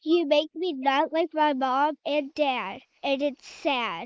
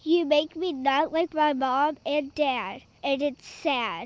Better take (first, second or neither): second